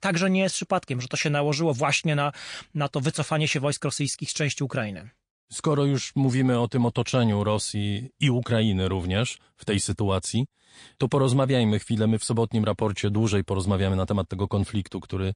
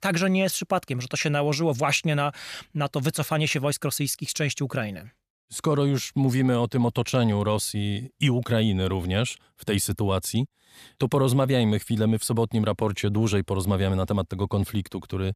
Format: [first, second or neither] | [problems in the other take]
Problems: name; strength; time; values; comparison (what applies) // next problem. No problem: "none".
second | garbled, watery; slightly